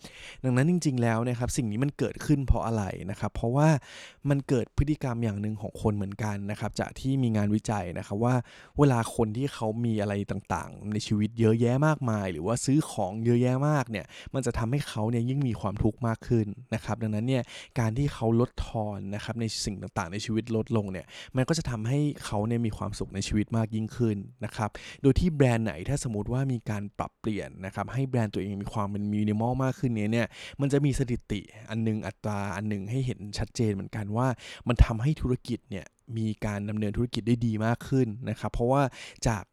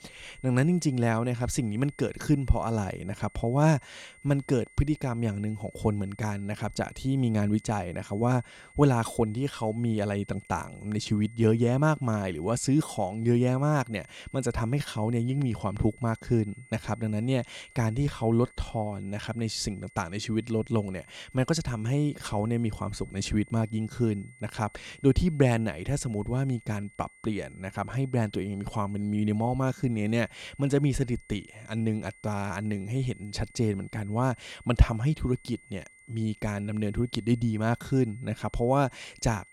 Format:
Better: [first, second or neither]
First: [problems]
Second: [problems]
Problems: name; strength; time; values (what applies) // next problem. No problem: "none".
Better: first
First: none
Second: high-pitched whine; faint; throughout; 2 kHz, 25 dB below the speech